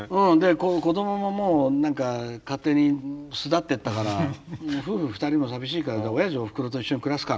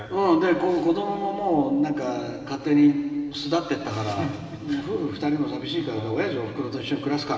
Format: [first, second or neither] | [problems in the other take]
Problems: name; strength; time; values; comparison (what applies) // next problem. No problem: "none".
first | room echo; dies away in 2.7 s